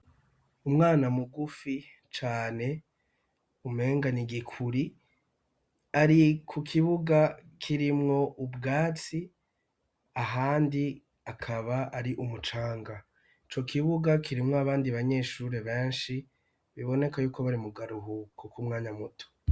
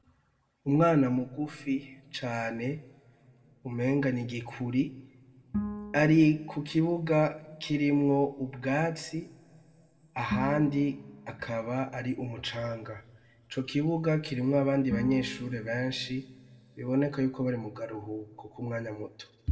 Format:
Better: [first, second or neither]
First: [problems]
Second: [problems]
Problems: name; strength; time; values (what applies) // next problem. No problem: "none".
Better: first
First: none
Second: background sound (Bowed string instrument); 12 dB below the speech // room echo; dies away in 1.2 s